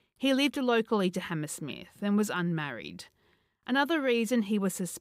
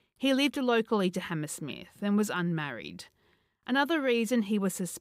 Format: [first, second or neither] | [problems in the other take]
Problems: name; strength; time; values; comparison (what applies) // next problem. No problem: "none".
neither | none